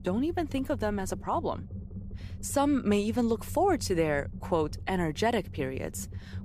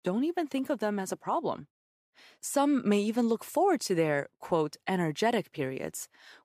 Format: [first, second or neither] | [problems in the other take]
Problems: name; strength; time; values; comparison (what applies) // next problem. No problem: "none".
second | low rumble; faint; throughout; 25 dB below the speech